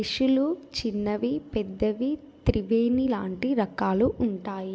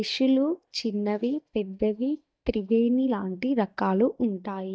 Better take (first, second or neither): first